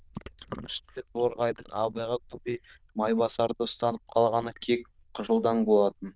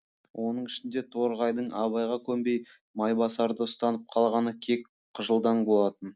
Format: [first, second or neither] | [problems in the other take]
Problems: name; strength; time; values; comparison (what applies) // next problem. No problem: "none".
second | noise reduction (neural diffusion model UNIVERSE++)